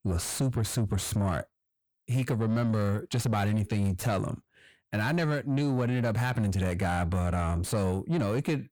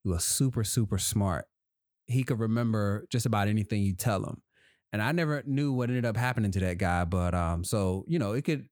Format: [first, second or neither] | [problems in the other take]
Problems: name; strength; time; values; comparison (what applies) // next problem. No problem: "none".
second | distortion; slight; 10 dB below the speech